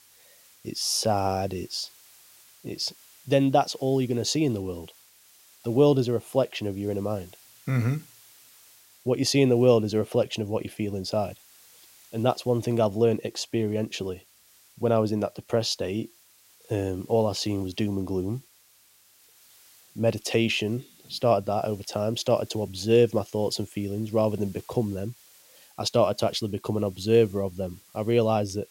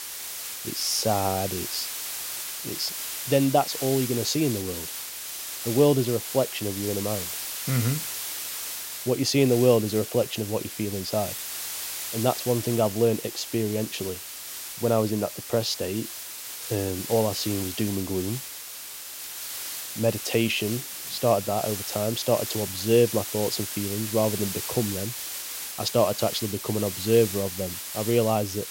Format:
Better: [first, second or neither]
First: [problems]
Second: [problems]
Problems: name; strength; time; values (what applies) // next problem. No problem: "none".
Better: first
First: hiss; faint; throughout; 25 dB below the speech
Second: hiss; loud; throughout; 6 dB below the speech